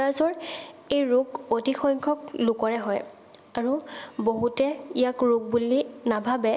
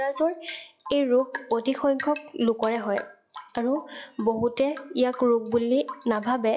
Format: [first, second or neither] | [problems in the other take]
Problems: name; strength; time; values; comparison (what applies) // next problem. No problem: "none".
first | noise reduction (classical method log-MMSE)